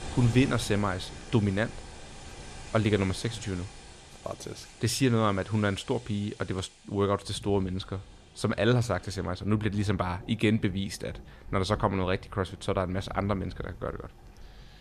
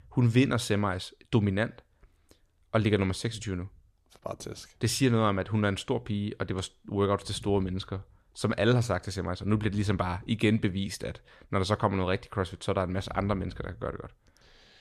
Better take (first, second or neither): second